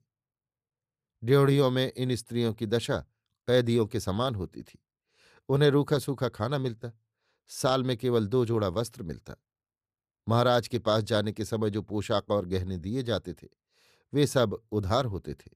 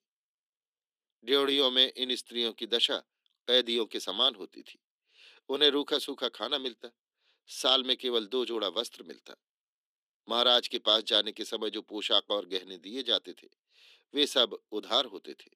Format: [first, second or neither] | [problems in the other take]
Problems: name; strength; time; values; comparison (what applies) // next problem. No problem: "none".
first | thin; somewhat; fading below 250 Hz